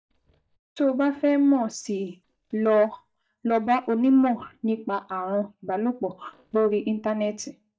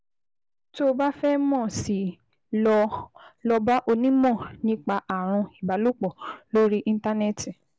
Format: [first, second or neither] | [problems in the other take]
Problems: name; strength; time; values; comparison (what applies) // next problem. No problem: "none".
second | noise reduction (neural mask model DeepFilterNet 3)